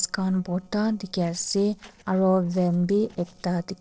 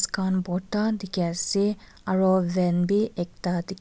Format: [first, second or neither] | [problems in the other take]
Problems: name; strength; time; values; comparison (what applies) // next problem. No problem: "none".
second | noise reduction (neural separator model SepFormer DNS4)